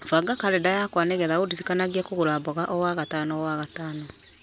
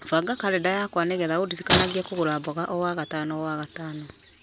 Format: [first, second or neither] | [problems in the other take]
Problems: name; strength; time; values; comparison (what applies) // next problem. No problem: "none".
first | background sound (Shatter); 4 dB below the speech